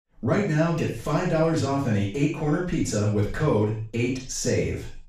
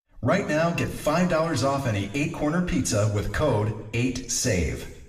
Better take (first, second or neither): second